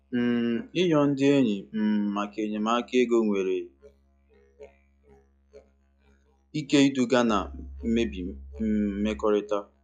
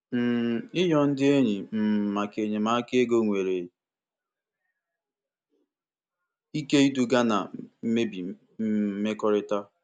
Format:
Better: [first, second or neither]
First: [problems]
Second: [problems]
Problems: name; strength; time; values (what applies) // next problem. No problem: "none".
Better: second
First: noise reduction (classical method log-MMSE)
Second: none